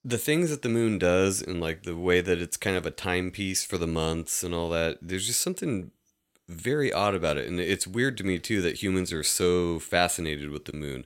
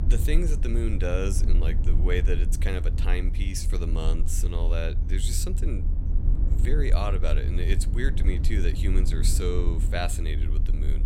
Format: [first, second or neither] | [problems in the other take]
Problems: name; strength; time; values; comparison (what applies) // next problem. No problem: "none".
first | low rumble; loud; throughout; 10 dB below the speech